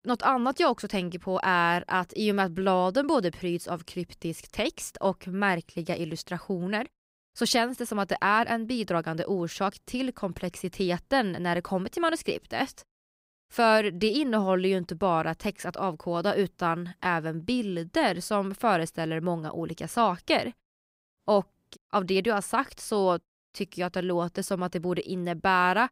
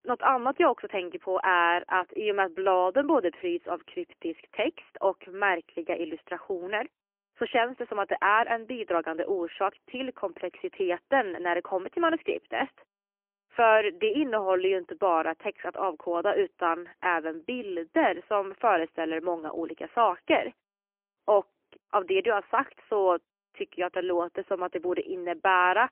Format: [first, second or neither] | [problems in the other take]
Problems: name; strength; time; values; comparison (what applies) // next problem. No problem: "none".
first | phone-call audio; poor line; nothing above 3 kHz